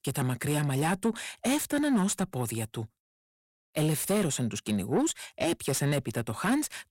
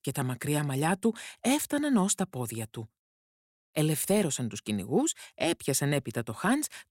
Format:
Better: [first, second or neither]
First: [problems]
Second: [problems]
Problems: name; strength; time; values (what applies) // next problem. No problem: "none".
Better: second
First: distortion; slight; 10 dB below the speech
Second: none